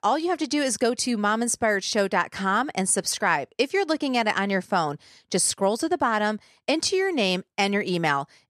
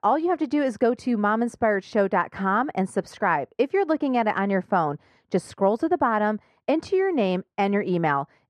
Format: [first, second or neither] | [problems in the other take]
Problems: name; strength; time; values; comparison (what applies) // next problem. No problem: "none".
first | muffled; very; fading above 3 kHz